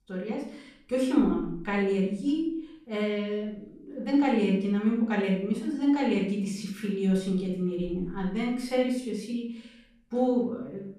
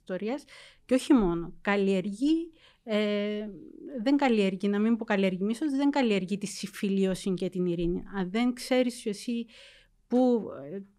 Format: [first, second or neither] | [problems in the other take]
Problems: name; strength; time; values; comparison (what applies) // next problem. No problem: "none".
second | off-mic speech; far // room echo; noticeable; dies away in 0.5 s